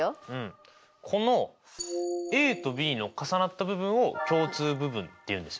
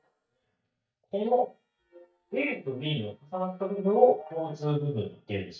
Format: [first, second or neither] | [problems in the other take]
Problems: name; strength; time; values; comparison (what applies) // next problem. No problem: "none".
first | noise reduction (neural mask model DeepFilterNet 3)